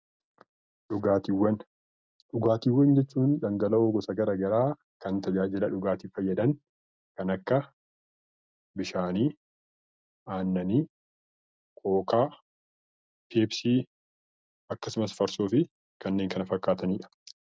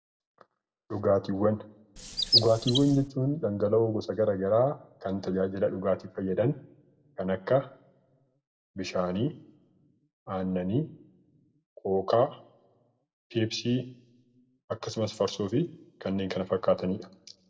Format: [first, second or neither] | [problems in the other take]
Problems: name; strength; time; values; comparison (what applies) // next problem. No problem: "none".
first | background sound (Chirp, tweet); 1 dB above the speech // room echo; dies away in 0.6 s